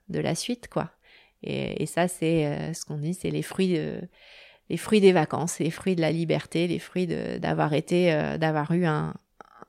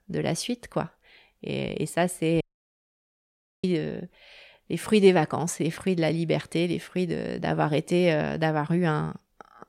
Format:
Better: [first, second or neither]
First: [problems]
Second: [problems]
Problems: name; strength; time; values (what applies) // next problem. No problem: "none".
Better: first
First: none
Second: audio cutting out; at 2.5 s for 1 s